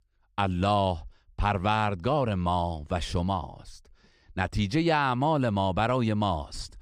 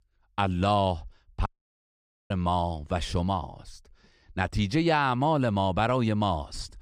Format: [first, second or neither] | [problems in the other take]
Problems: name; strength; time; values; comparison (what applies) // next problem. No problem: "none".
first | audio cutting out; at 1.5 s for 1 s